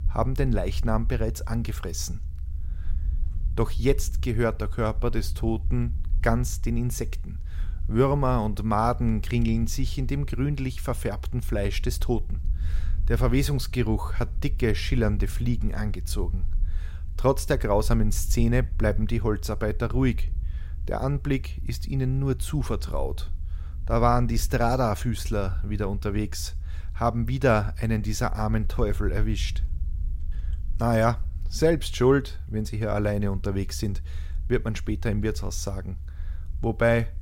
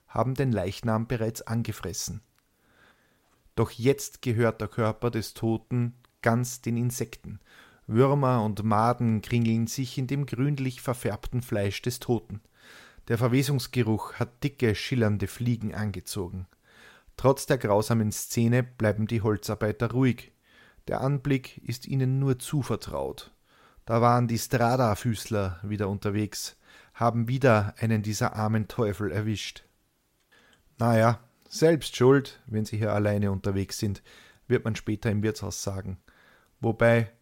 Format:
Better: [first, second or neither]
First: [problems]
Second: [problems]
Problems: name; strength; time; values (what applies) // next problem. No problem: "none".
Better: second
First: low rumble; faint; throughout; 25 dB below the speech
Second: none